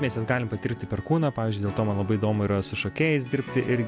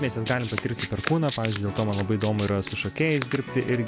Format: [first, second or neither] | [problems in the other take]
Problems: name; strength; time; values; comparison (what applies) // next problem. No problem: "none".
first | background sound (Domestic sounds, home sounds); 12 dB below the speech